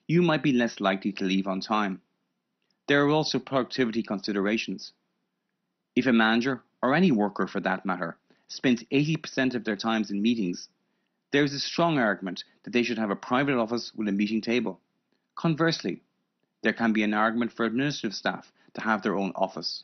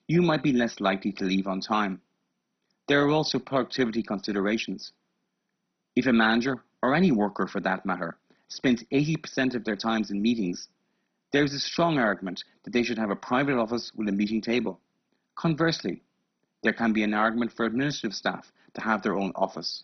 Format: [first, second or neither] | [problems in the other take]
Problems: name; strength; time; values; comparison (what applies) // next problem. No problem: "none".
first | garbled, watery; badly; nothing above 6 kHz; slightly in the first